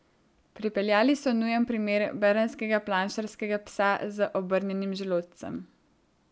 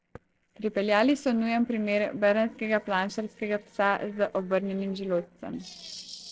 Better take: first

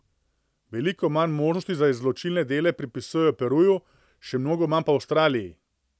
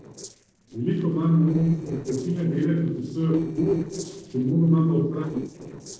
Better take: first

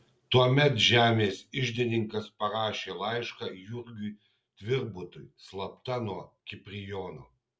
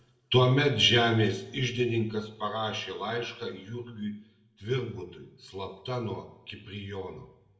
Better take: first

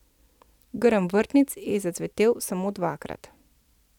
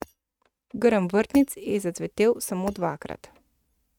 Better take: first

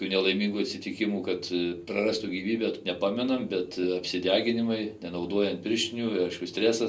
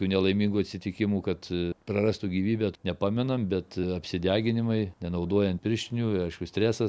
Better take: second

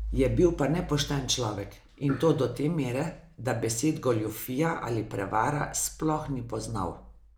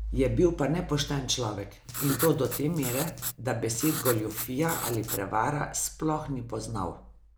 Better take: first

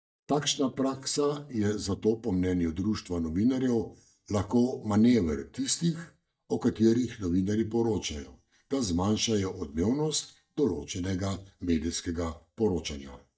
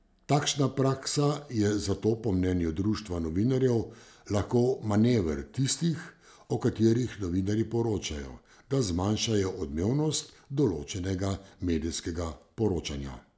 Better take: second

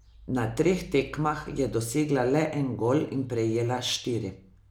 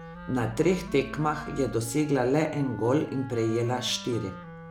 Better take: first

